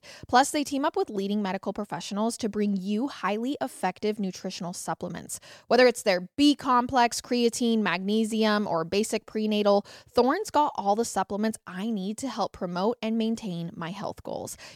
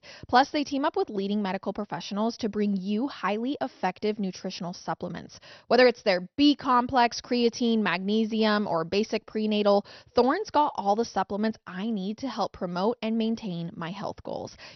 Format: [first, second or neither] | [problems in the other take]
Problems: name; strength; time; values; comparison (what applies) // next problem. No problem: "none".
first | garbled, watery; slightly; nothing above 6 kHz